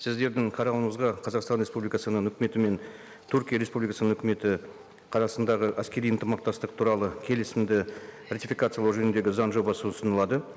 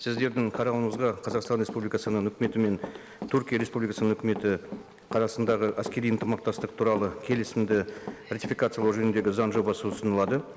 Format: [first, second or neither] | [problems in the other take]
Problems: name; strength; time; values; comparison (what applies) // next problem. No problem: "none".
first | background sound (Run); 14 dB below the speech